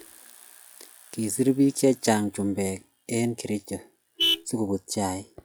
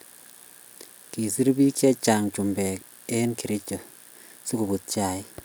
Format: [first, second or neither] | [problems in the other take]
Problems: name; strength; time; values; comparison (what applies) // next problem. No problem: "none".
second | noise reduction (classical method log-MMSE)